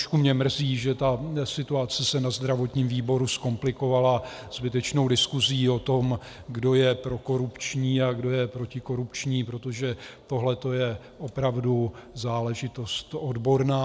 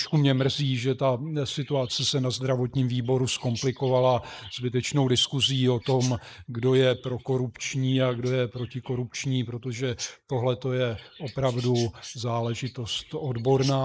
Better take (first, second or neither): first